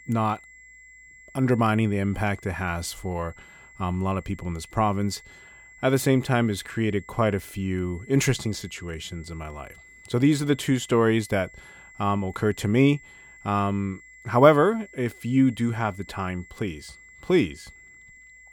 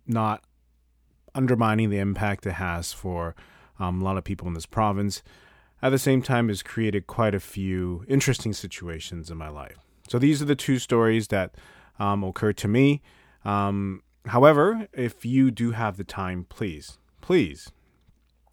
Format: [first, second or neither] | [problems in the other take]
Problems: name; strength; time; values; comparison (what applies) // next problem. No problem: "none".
second | high-pitched whine; faint; throughout; 2 kHz, 25 dB below the speech